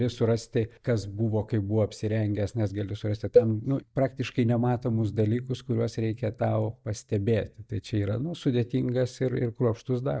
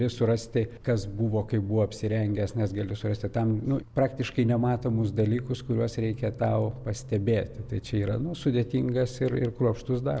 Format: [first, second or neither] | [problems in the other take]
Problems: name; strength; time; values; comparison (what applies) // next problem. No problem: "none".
second | noise reduction (neural mask model DeepFilterNet 3)